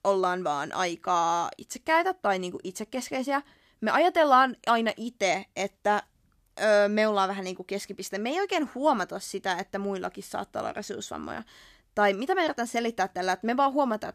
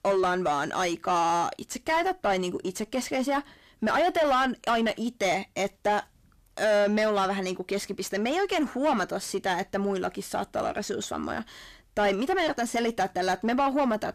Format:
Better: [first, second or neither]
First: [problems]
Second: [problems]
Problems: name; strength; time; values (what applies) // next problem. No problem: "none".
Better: first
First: none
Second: distortion; heavy; 8 dB below the speech